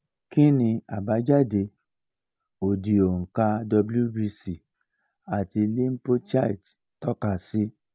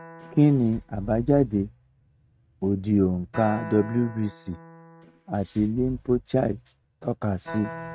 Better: first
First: none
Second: noise reduction (neural mask model RNNoise)

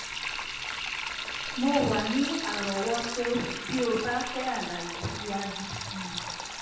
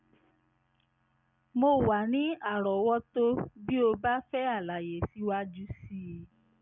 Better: second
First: background sound (Sink (filling or washing)); 4 dB below the speech // room echo; dies away in 0.9 s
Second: none

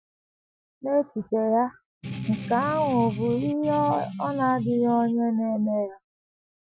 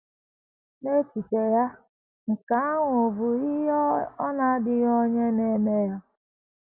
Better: second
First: noise reduction (classical method Wiener filter)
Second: none

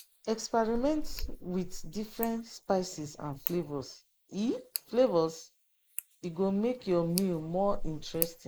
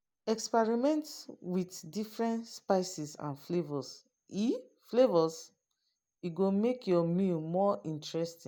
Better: second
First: noise reduction (neural mask model Resemble Enhance denoiser)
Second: none

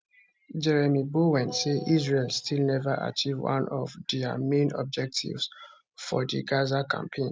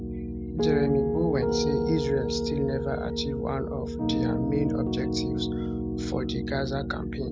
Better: first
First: none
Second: background sound (Piano); 3 dB above the speech

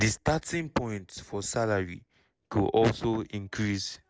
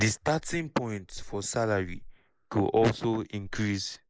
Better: first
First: none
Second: noise reduction (neural mask model Resemble Enhance denoiser)

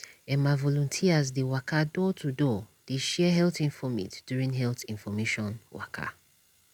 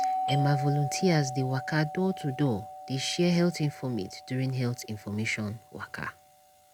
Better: first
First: none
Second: background sound (Doorbell); 8 dB below the speech

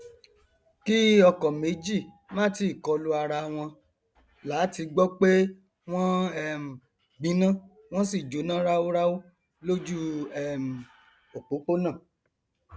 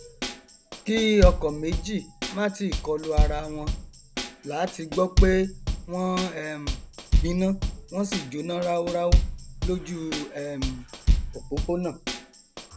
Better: first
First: none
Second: background sound (Drum kit); 1 dB above the speech

